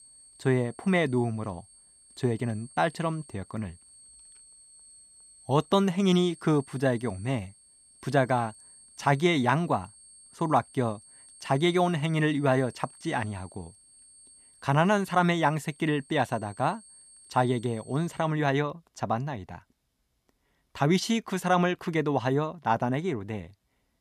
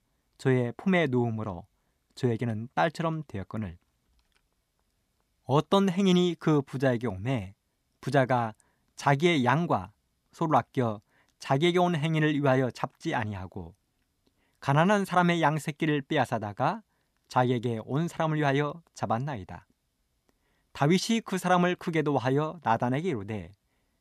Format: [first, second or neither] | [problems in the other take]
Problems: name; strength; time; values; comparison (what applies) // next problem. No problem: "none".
second | high-pitched whine; faint; until 18 s; 8.5 kHz, 25 dB below the speech